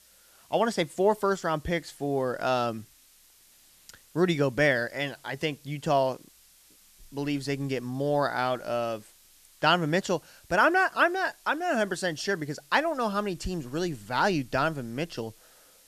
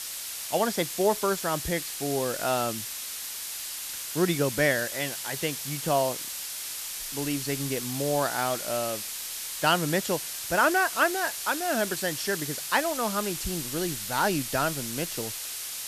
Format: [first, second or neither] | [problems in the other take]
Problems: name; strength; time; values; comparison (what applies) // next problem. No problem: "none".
first | hiss; loud; throughout; 4 dB below the speech; faint in the first